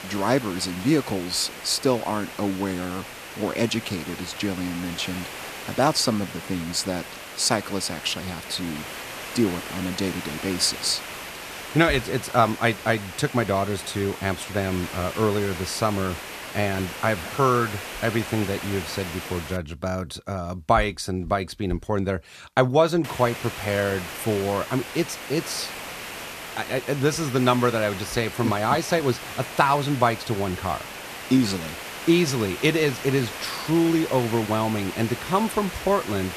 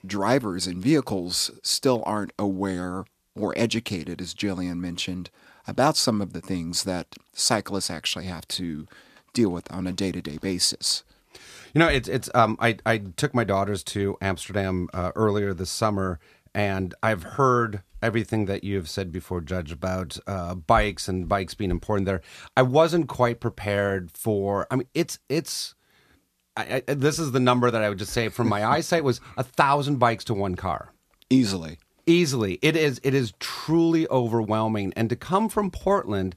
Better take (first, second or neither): second